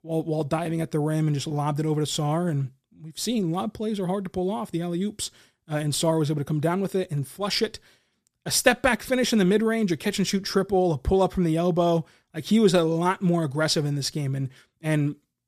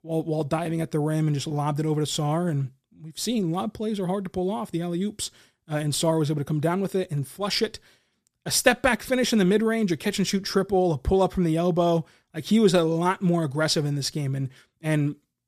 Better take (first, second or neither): neither